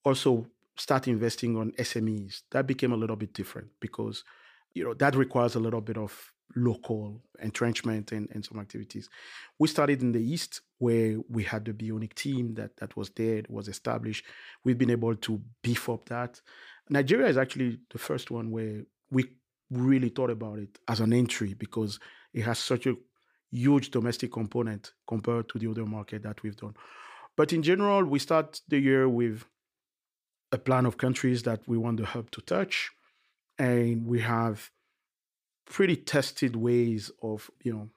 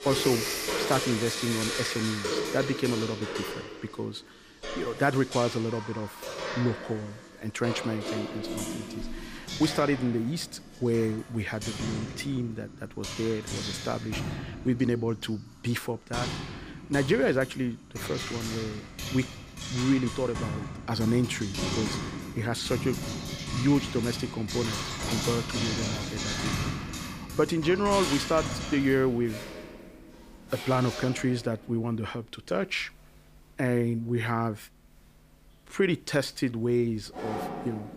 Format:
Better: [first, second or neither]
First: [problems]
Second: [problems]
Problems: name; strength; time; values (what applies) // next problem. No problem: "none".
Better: first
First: none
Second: household noises; loud; throughout; 5 dB below the speech